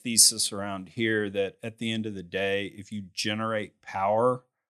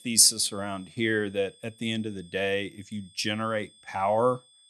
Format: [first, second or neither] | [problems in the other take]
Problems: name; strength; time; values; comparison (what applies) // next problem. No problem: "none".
first | high-pitched whine; faint; throughout; 3.5 kHz, 25 dB below the speech